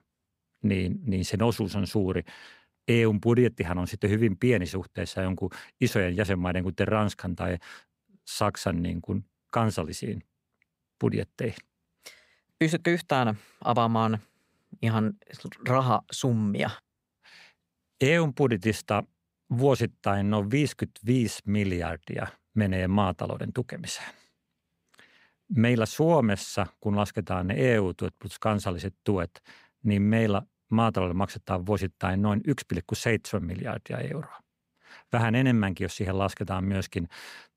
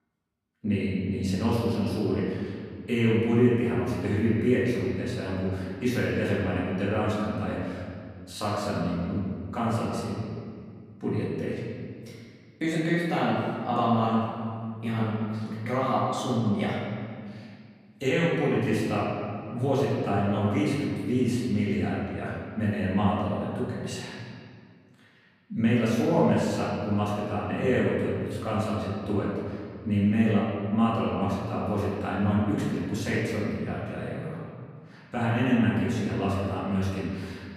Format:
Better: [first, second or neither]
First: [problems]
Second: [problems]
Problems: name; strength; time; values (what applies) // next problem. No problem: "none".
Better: first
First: none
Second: off-mic speech; far // room echo; strong; dies away in 2 s